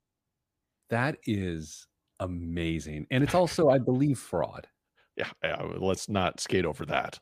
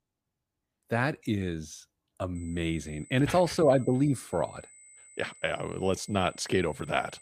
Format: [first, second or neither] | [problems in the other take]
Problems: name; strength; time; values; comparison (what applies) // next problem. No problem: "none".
first | high-pitched whine; faint; from 2.5 s on; 8 kHz, 20 dB below the speech